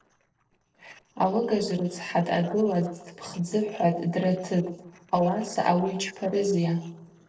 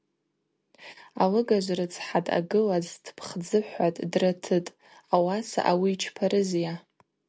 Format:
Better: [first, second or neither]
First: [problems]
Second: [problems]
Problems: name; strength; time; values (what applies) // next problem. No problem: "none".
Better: second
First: noise reduction (neural separator model SepFormer DNS4)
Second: none